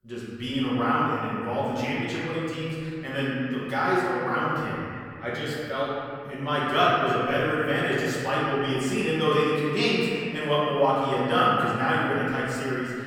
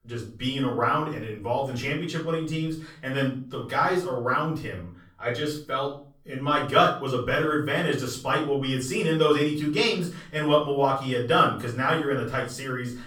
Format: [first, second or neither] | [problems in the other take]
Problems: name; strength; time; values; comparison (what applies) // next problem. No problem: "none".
second | room echo; strong; dies away in 2.5 s; slight in the second // off-mic speech; far; far in the second